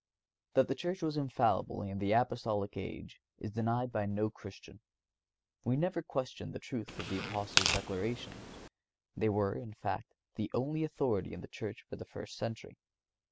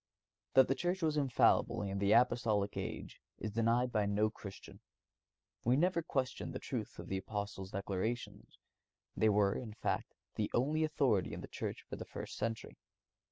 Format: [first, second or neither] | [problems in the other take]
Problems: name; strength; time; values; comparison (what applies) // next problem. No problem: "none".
second | background sound (Tearing); as loud as the speech